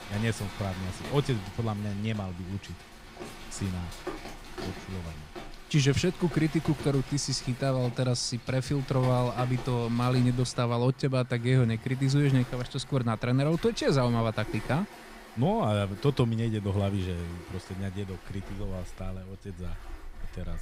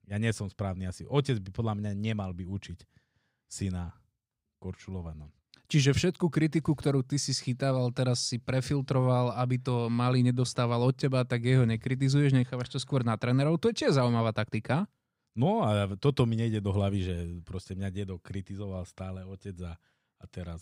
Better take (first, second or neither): second